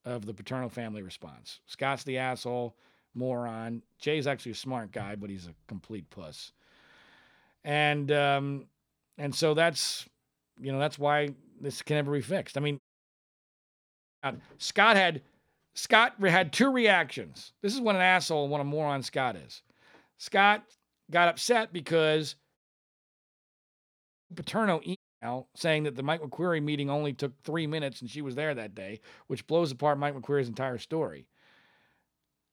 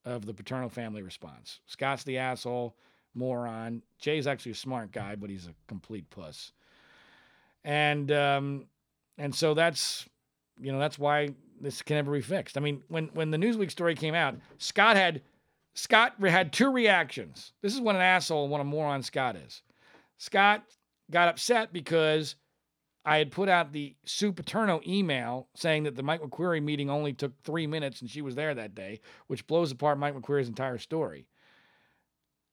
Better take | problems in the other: second | audio cutting out; at 13 s for 1.5 s, at 23 s for 1.5 s and at 25 s

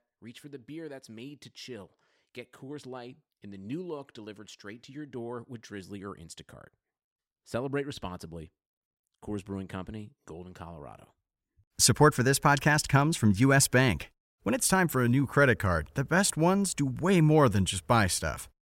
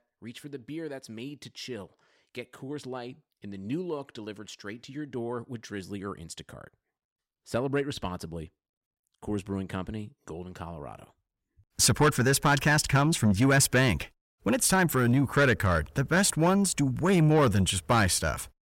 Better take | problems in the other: first | distortion; slight; 10 dB below the speech

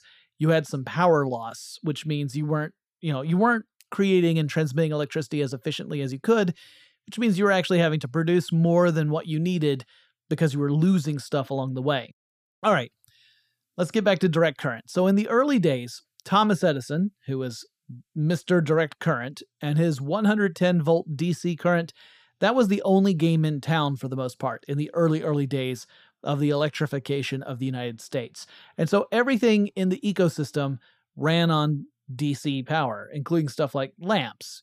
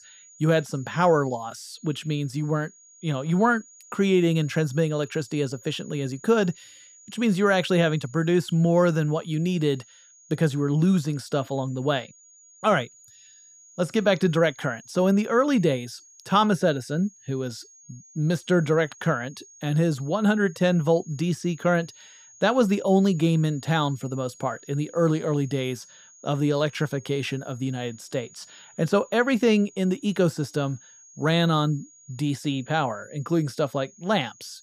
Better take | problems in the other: first | high-pitched whine; faint; throughout; 7 kHz, 25 dB below the speech

